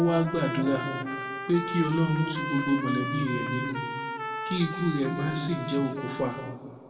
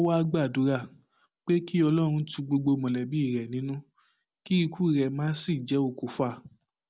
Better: second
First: background sound (Trumpet); 7 dB below the speech // room echo; dies away in 1.7 s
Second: none

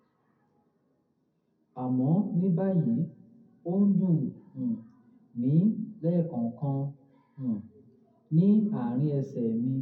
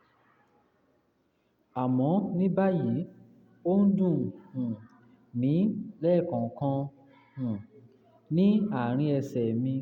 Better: second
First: room echo; dies away in 0.3 s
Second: none

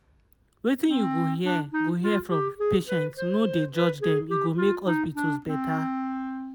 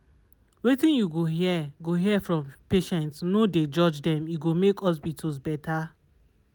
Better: second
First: background sound (Wind instrument, woodwind instrument); 1 dB below the speech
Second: none

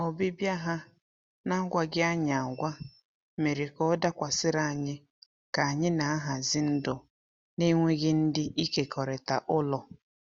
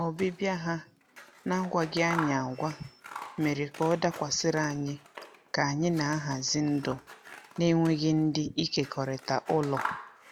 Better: first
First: none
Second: background sound (Scissors); 14 dB below the speech

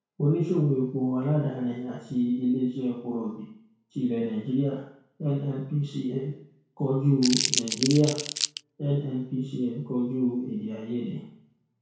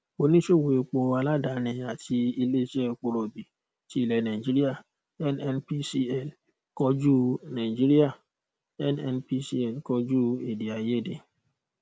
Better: second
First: background sound (Crumpling, crinkling); 2 dB below the speech // room echo; dies away in 0.6 s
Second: none

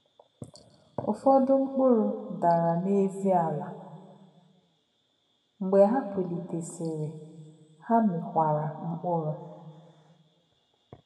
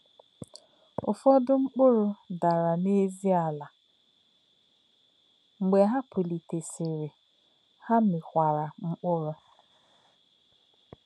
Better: second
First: room echo; dies away in 1.5 s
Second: none

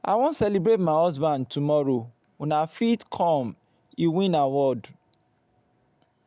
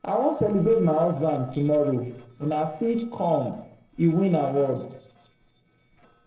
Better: first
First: none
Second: noise reduction (neural separator model SepFormer DNS4)

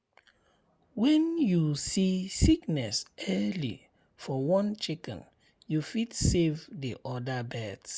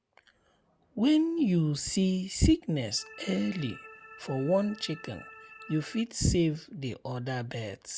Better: first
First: none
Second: background sound (Organ); 19 dB below the speech

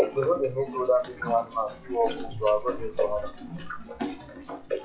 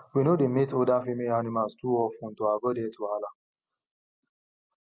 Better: second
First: noise reduction (classical method WPE with log-MMSE)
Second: none

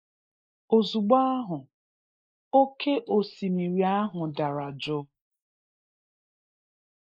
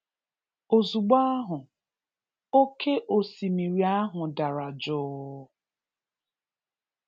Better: second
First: noise reduction (neural mask model Resemble Enhance denoiser)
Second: none

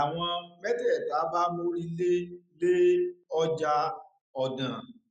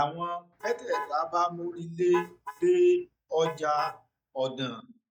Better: first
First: none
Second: noise reduction (neural mask model DeepFilterNet 3)

